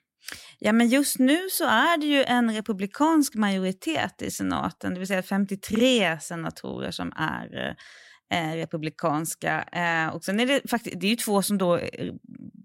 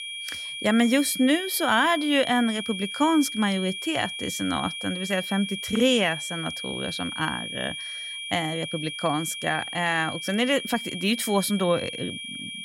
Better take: first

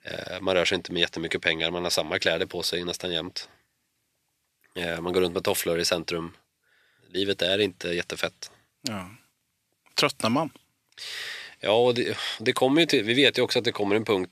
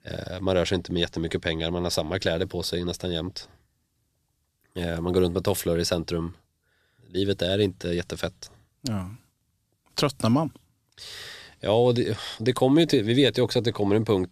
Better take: second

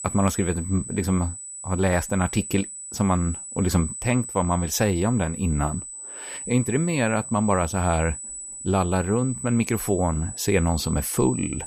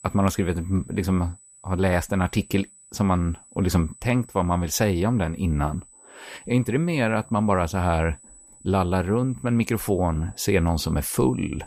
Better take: second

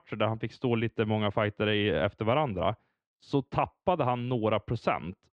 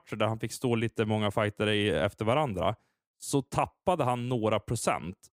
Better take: second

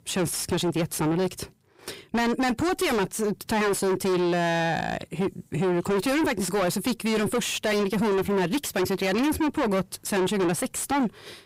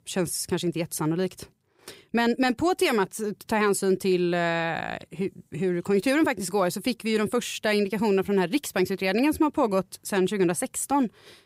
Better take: second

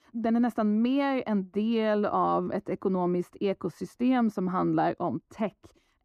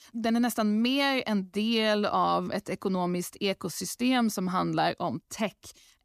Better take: second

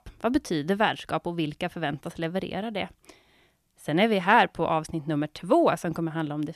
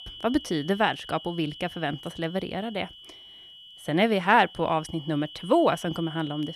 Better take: first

